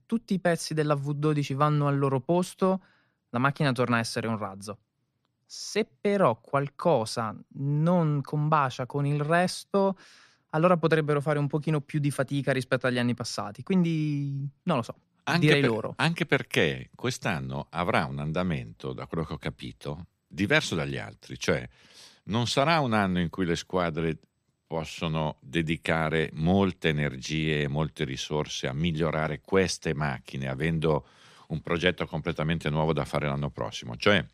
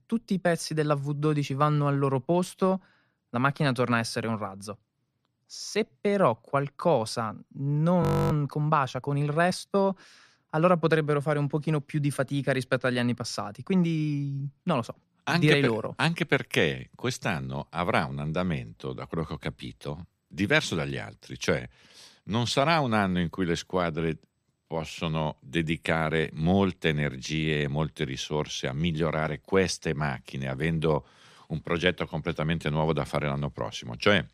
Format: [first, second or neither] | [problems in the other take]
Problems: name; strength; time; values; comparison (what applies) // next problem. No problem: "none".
first | audio freezing; at 8 s